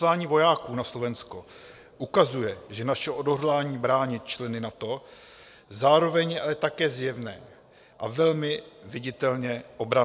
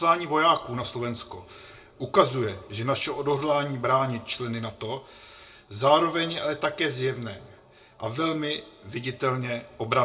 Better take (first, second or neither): first